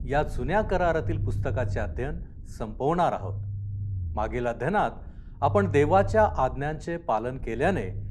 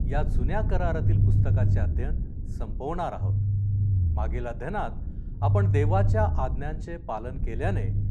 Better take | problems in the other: first | low rumble; loud; throughout; 9 dB below the speech; faint in the first

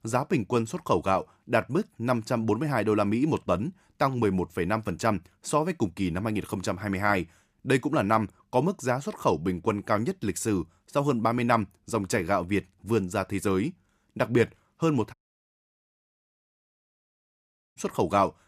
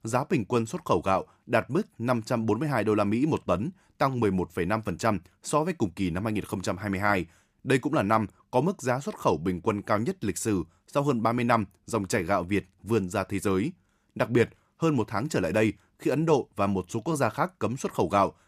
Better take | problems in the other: second | audio cutting out; at 15 s for 2.5 s

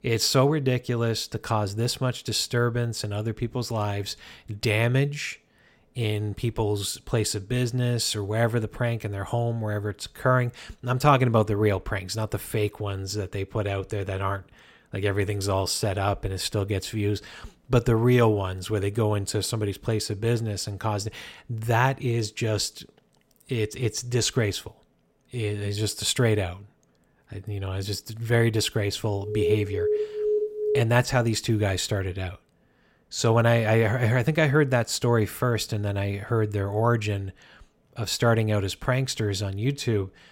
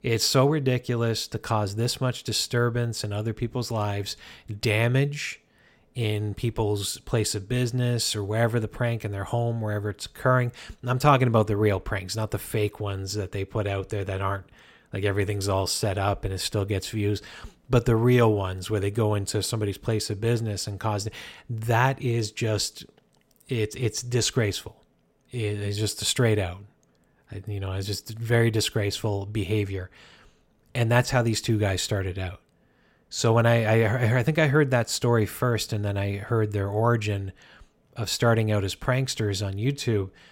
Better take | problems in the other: second | alarm; noticeable; from 29 to 31 s; peak level with the speech

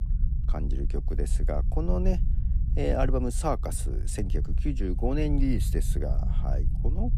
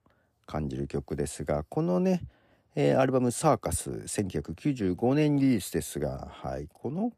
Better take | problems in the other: second | low rumble; noticeable; throughout; 15 dB below the speech

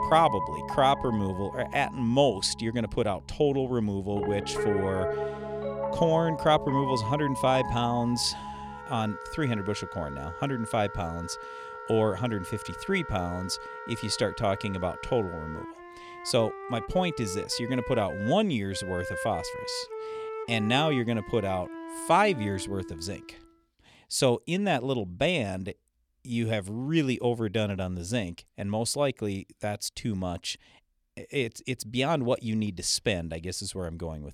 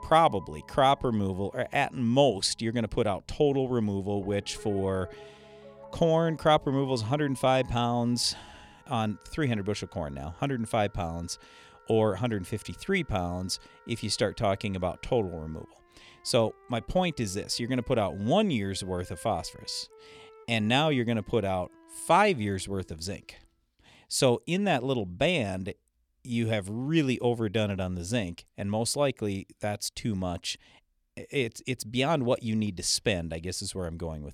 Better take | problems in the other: second | background music; loud; until 23 s; 8 dB below the speech; faint in the second

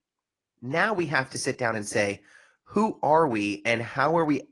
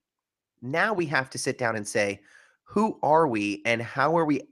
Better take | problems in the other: second | garbled, watery; slightly; nothing above 10.5 kHz

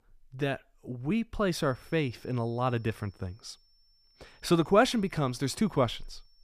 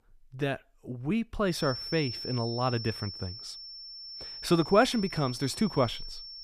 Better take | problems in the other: first | high-pitched whine; loud; from 1.5 s on; 5.5 kHz, 9 dB below the speech; faint in the first

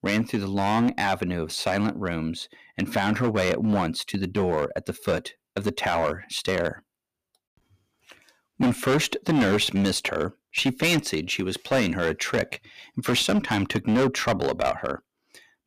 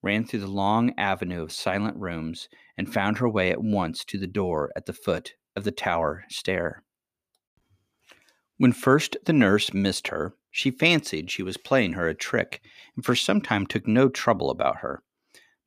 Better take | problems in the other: second | distortion; heavy; 8% of the sound clipped

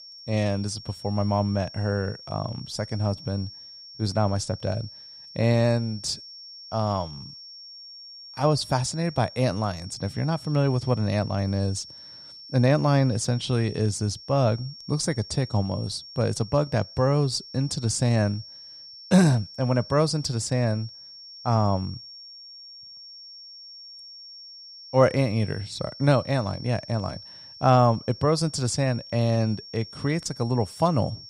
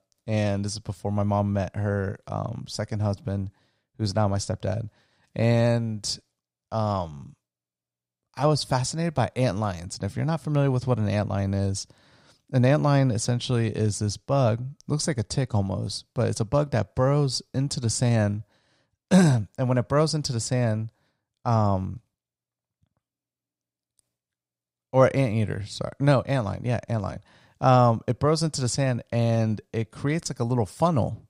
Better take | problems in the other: second | high-pitched whine; noticeable; throughout; 5.5 kHz, 15 dB below the speech

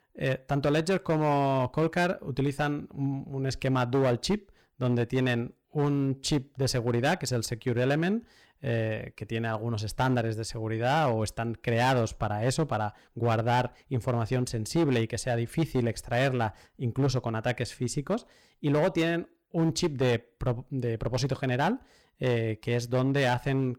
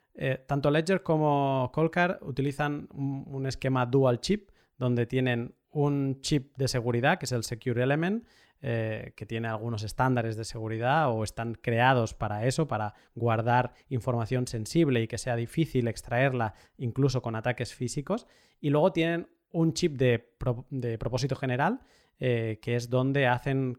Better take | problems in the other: second | distortion; slight; 7% of the sound clipped

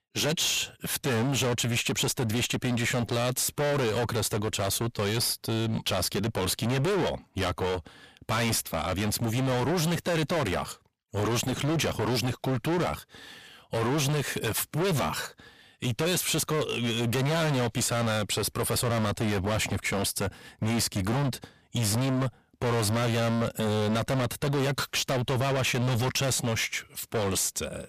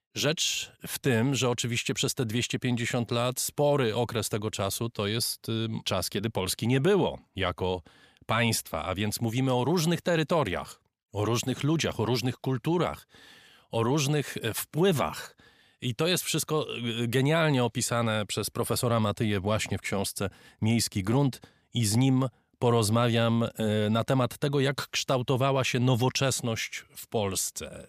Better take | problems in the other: second | distortion; heavy; 31% of the sound clipped

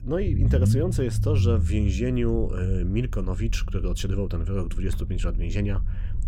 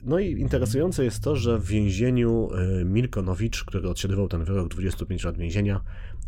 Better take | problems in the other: second | low rumble; loud; throughout; 9 dB below the speech; faint in the second

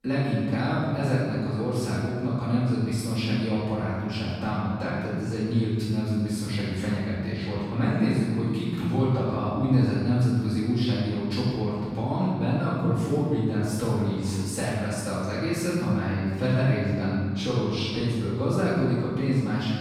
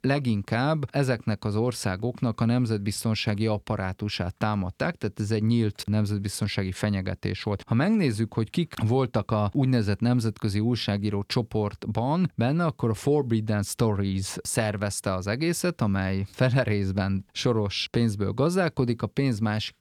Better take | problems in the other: second | room echo; strong; dies away in 1.8 s // off-mic speech; far

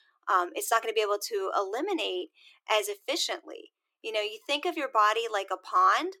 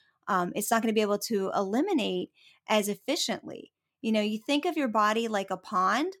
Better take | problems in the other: second | thin; very; fading below 350 Hz

